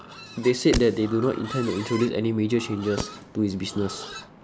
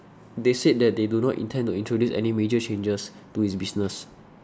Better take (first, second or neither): second